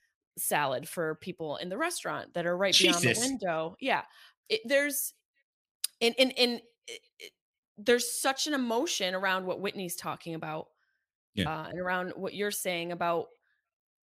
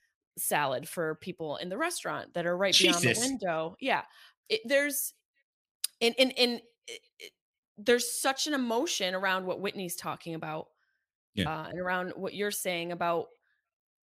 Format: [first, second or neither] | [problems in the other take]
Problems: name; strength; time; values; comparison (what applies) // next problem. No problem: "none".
neither | none